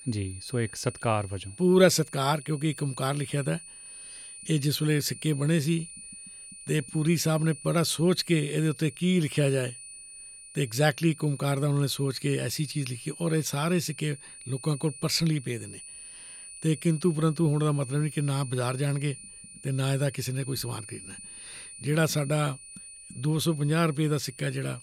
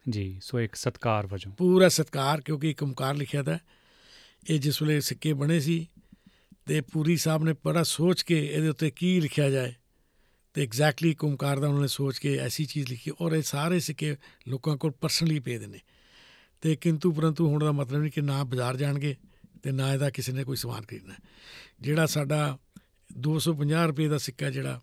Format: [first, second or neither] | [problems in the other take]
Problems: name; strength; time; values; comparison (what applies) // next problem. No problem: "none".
second | high-pitched whine; noticeable; throughout; 9.5 kHz, 15 dB below the speech